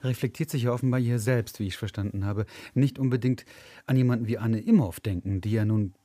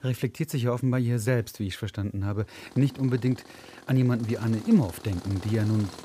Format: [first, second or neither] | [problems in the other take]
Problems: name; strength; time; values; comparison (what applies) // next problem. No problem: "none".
first | machinery noise; noticeable; from 2.5 s on; 20 dB below the speech